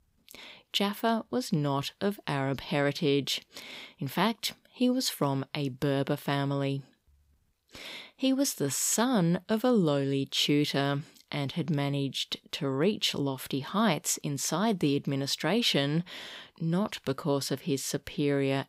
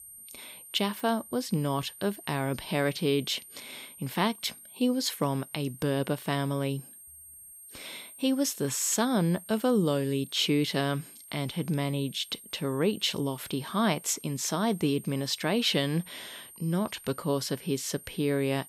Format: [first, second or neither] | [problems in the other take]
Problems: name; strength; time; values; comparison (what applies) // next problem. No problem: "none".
first | high-pitched whine; noticeable; throughout; 8.5 kHz, 15 dB below the speech